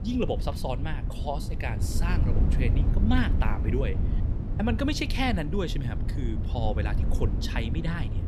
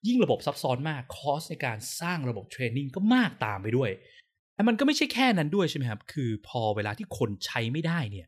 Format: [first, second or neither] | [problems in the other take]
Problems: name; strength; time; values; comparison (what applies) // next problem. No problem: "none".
second | low rumble; loud; throughout; 8 dB below the speech